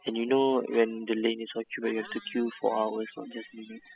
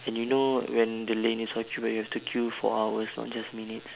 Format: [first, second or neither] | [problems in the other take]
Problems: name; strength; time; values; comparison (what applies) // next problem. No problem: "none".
second | noise reduction (classical method spectral subtraction)